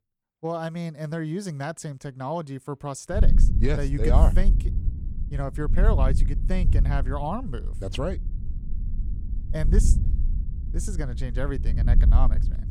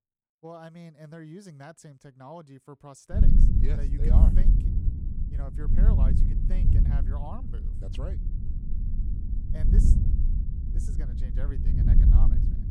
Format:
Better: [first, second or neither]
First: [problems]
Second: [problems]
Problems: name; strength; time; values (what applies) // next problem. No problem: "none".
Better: first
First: wind noise on the microphone; occasional gusts; from 3 s on; 10 dB below the speech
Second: wind noise on the microphone; heavy; from 3 s on; 2 dB above the speech